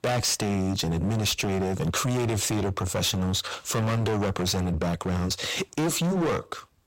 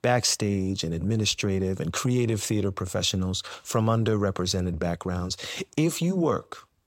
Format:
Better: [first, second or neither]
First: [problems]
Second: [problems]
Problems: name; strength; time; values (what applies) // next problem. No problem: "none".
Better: second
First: distortion; heavy; 28% of the sound clipped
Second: none